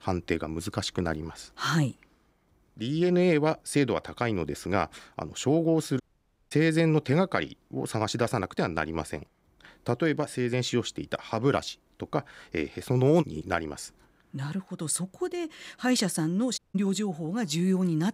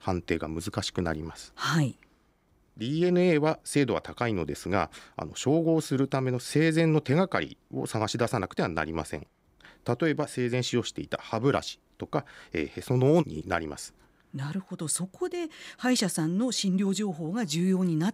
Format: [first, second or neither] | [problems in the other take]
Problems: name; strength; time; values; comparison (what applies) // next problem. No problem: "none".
second | audio cutting out; at 6 s for 0.5 s and at 17 s